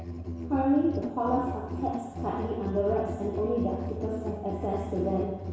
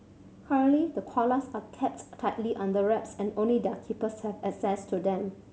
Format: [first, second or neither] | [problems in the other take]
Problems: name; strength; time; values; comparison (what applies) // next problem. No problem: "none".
second | background sound (Musical instrument); 7 dB below the speech // room echo; dies away in 1.1 s